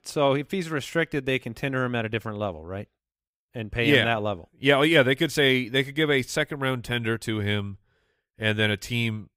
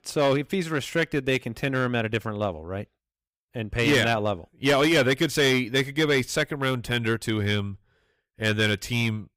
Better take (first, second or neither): first